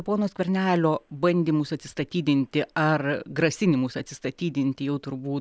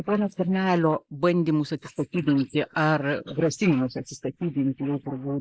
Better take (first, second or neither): first